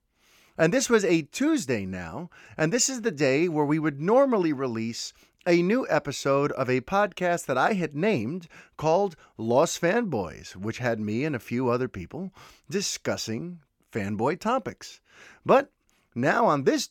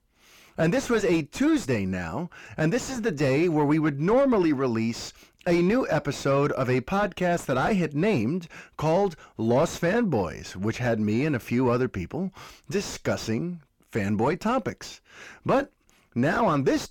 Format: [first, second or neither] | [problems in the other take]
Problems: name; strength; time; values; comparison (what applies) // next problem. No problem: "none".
first | distortion; heavy; 7 dB below the speech